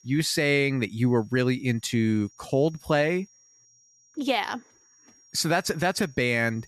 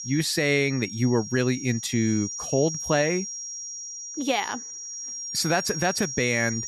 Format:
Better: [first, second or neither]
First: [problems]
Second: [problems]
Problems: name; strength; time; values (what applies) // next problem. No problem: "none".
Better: first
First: high-pitched whine; faint; throughout; 5.5 kHz, 30 dB below the speech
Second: high-pitched whine; loud; throughout; 5.5 kHz, 7 dB below the speech